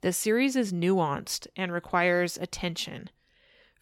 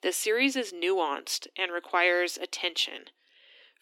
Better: first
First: none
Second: thin; very slightly; fading below 250 Hz

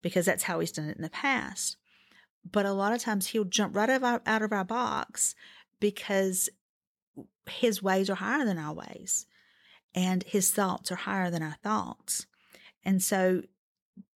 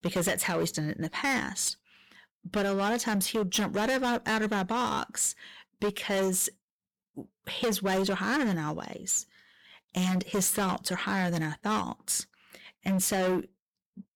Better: first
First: none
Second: distortion; heavy; 15% of the sound clipped

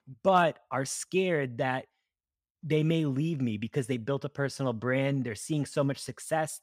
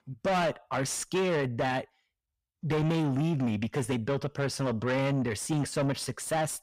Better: first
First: none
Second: distortion; heavy; 7 dB below the speech

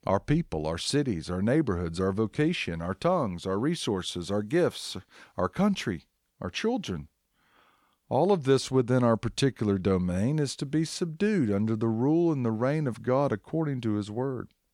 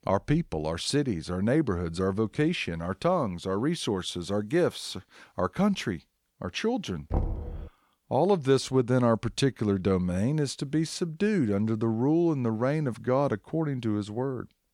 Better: first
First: none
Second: door banging; noticeable; at 7 s; peak 4 dB below the speech

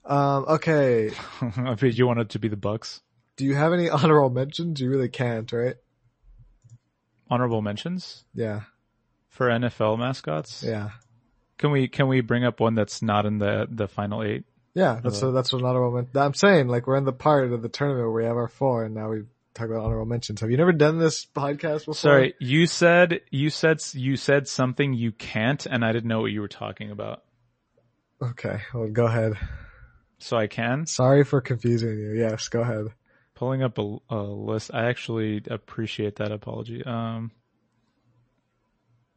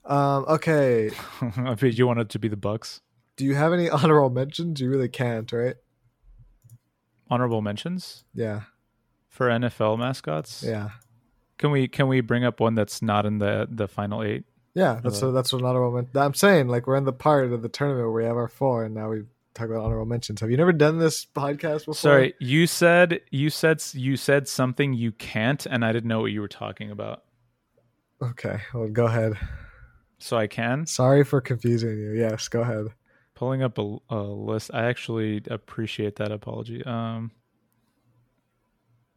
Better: second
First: garbled, watery; slightly; nothing above 8 kHz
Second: none

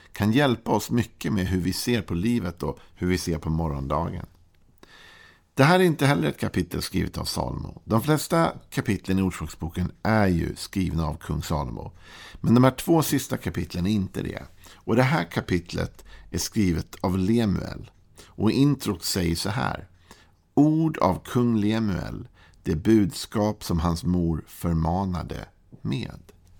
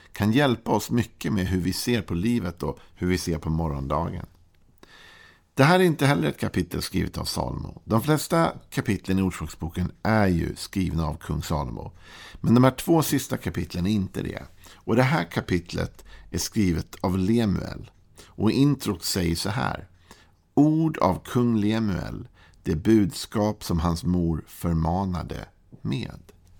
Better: neither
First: none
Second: none

